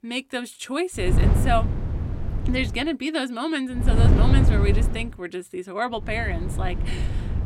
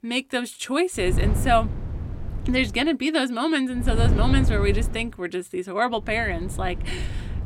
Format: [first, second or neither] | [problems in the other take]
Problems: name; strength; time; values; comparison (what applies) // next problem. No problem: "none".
second | wind noise on the microphone; heavy; from 1 to 2.5 s, from 4 to 5 s and from 6 s on; 6 dB below the speech; occasional gusts in the second